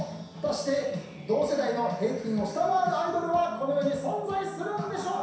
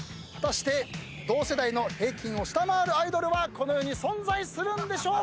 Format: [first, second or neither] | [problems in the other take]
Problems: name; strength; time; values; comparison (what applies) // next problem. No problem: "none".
second | room echo; dies away in 0.7 s